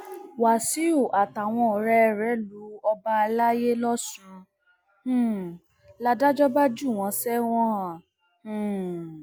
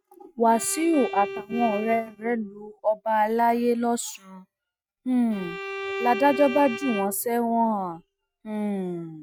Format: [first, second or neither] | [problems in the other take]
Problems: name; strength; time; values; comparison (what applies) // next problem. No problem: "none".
first | noise reduction (neural mask model RNNoise)